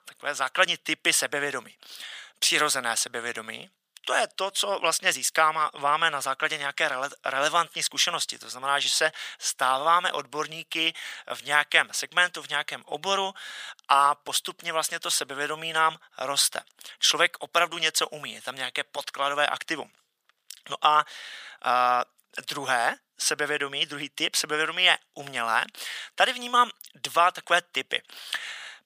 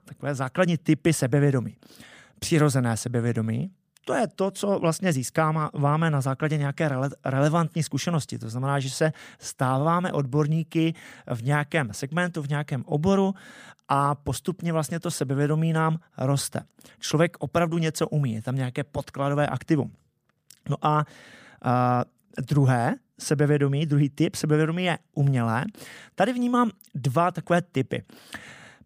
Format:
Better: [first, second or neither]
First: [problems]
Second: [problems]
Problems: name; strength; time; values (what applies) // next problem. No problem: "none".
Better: second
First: thin; very; fading below 950 Hz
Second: none